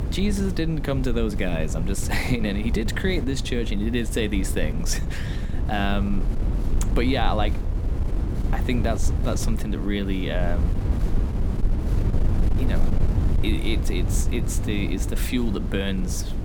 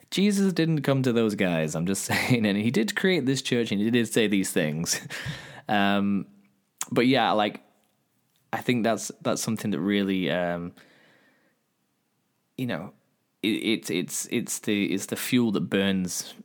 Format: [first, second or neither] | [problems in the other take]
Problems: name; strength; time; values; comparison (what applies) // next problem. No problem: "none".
second | wind noise on the microphone; heavy; 9 dB below the speech